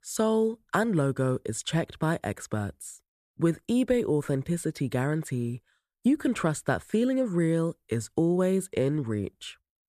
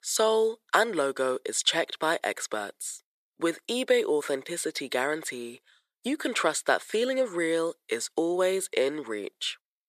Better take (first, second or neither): first